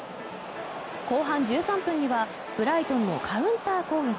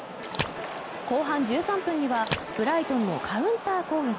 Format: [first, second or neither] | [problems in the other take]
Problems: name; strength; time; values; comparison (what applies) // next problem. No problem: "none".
first | background sound (Water / Splash, splatter); 12 dB below the speech